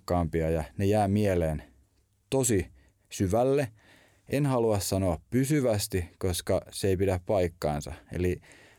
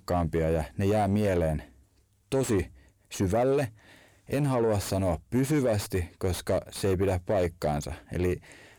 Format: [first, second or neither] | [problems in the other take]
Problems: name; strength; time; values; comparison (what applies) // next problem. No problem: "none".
first | distortion; slight; 10 dB below the speech